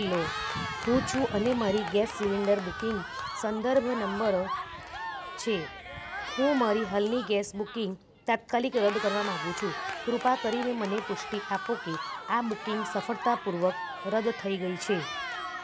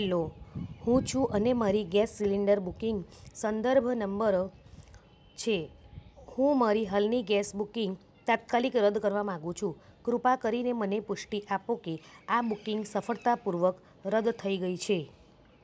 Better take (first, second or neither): second